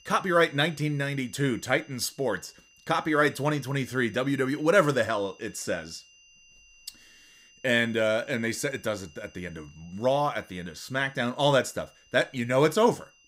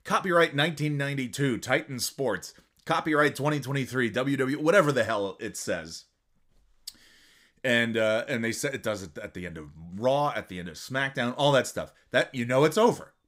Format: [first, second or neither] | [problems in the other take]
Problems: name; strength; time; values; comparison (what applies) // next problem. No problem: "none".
second | high-pitched whine; faint; throughout; 3 kHz, 30 dB below the speech